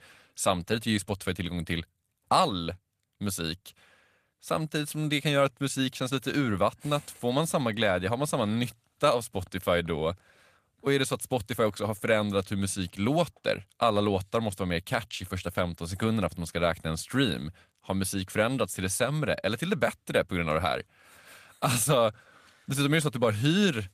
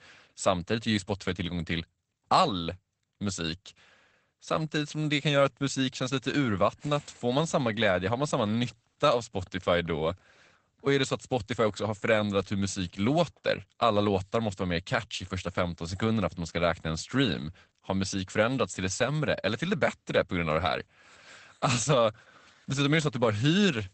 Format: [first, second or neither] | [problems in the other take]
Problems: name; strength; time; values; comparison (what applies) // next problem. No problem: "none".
first | garbled, watery; badly; nothing above 8 kHz; slightly in the first